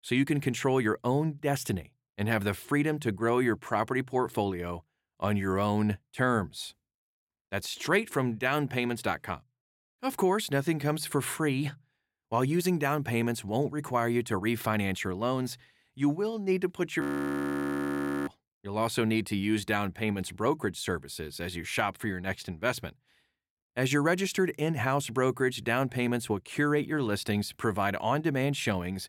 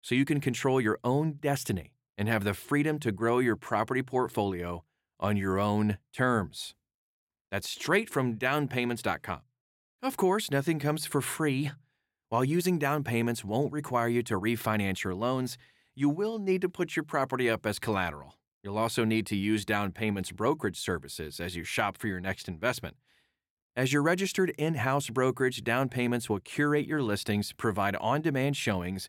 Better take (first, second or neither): second